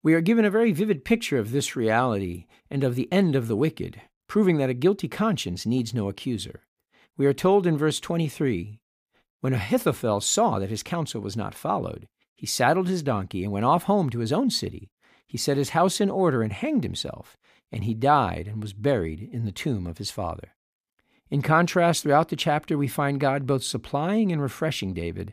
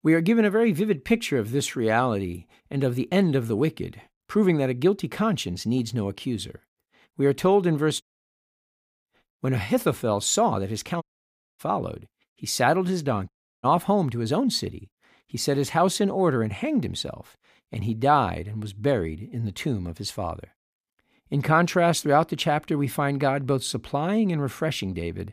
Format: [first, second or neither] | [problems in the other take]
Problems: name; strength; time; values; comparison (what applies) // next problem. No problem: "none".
first | audio cutting out; at 8 s for 1 s, at 11 s for 0.5 s and at 13 s